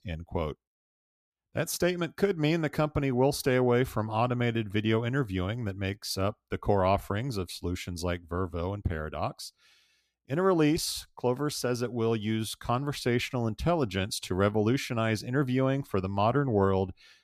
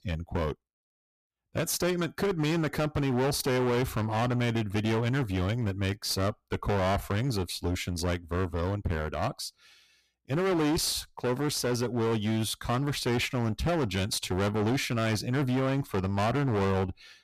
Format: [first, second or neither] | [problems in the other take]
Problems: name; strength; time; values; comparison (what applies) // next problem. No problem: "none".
first | distortion; heavy; 20% of the sound clipped